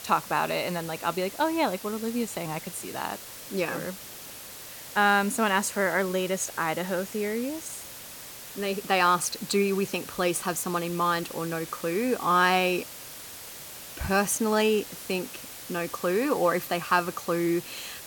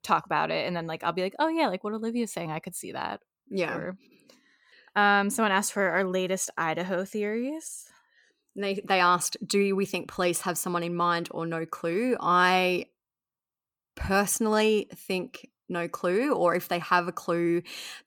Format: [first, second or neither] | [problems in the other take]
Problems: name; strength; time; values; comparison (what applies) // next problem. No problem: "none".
second | hiss; noticeable; throughout; 10 dB below the speech